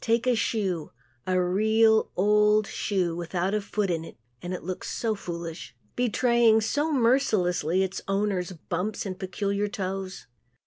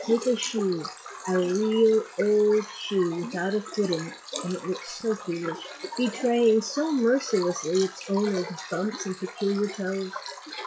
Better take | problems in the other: first | noise reduction (classical method log-MMSE)

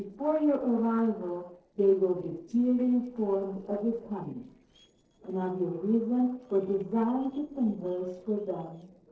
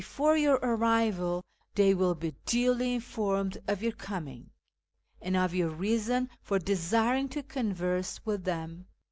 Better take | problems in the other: second | noise reduction (neural separator model SepFormer DNS4)

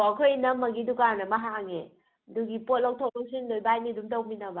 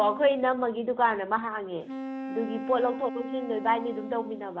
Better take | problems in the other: first | background sound (Wind instrument, woodwind instrument); 10 dB below the speech

